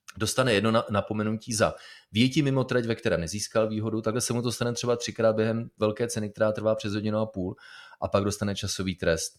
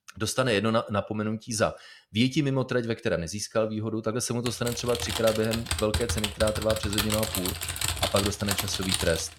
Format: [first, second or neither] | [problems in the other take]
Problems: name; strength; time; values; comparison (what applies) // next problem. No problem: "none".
first | keyboard typing; loud; from 4.5 s on; peak 1 dB above the speech